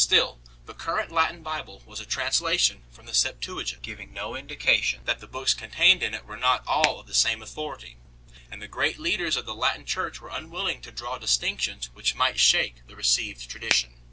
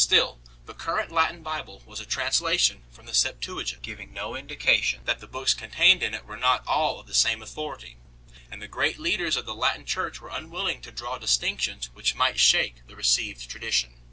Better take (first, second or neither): second